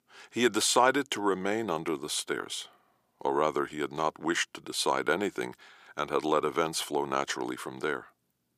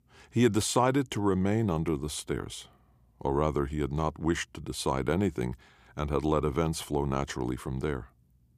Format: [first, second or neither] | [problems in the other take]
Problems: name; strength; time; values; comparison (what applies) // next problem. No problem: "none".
second | thin; somewhat; fading below 400 Hz